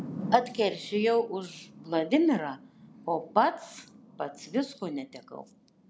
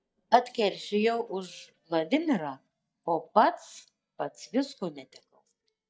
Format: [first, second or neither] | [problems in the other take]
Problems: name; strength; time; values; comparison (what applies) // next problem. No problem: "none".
first | noise reduction (neural mask model DeepFilterNet 3)